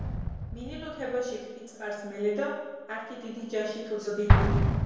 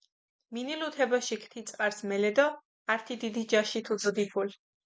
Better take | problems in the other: second | background sound (Explosion); 5 dB above the speech // room echo; dies away in 1.2 s

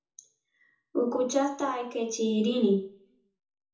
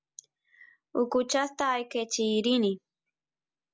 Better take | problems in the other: second | room echo; dies away in 0.6 s

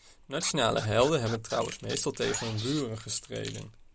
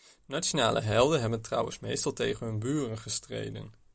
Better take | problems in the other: second | background sound (Keys jangling + Scratching (performance technique)); 12 dB below the speech

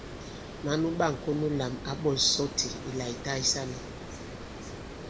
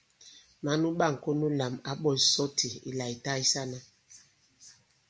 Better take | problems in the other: second | background sound (Water); 9 dB below the speech

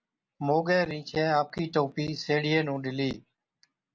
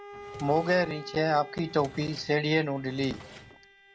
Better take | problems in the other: first | background sound (Bowed string instrument + Drawer open or close); 16 dB below the speech

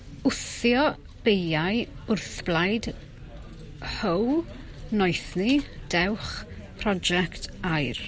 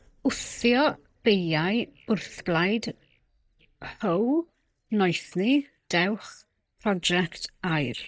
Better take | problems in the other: first | noise reduction (neural mask model DeepFilterNet 3)

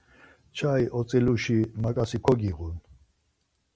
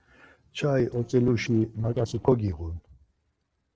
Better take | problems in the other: first | noise reduction (neural separator model SepFormer DNS4)

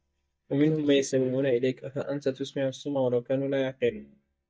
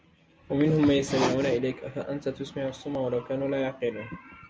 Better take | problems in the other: second | noise reduction (neural mask model DeepFilterNet 3)

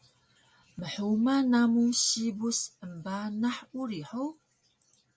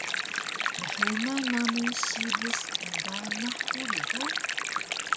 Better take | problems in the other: first | background sound (Stream); 4 dB above the speech

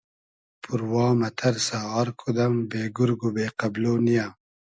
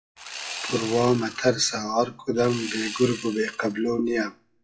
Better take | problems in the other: first | noise reduction (classical method WPE with log-MMSE)

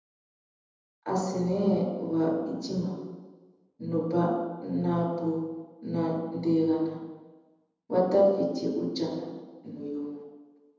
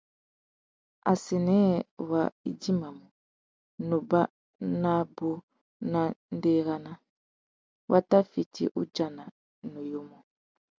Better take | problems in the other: second | room echo; dies away in 1.1 s

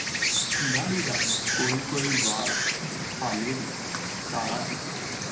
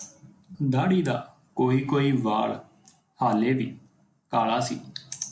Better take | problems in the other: second | background sound (Insect); 5 dB above the speech

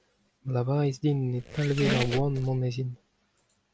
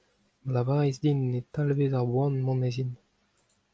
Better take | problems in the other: second | background sound (Squeak); 5 dB below the speech

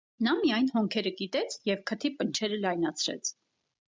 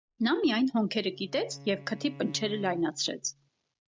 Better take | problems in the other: first | background sound (Bowed string instrument); 19 dB below the speech

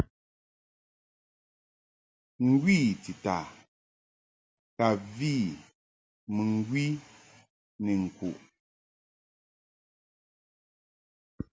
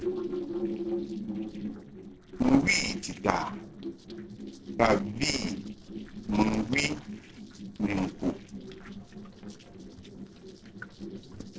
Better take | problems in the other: first | noise reduction (neural separator model SepFormer DNS4)

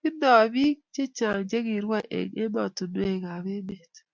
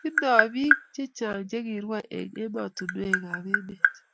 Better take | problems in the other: first | background sound (Tap); 1 dB above the speech

